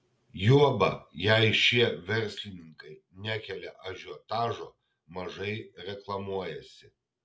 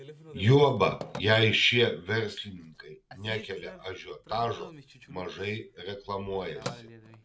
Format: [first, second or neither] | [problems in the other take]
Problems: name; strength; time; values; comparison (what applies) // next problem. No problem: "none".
first | background sound (Telephone); 18 dB below the speech